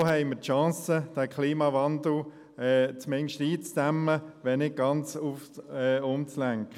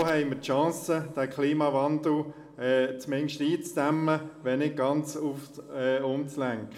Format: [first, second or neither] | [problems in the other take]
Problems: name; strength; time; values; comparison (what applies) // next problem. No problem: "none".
first | room echo; dies away in 1.8 s